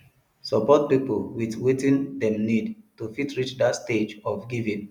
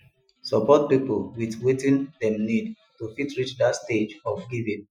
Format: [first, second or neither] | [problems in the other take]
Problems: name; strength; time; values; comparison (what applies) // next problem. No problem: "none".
first | noise reduction (classical method Wiener filter)